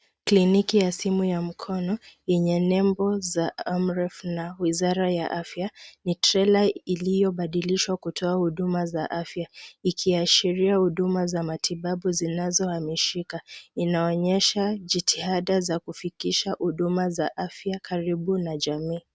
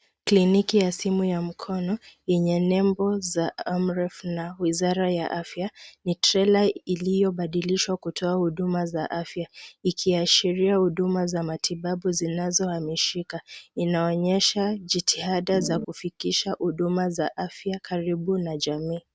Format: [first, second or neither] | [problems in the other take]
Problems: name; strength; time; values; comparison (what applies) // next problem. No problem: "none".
first | background sound (Organ); 5 dB below the speech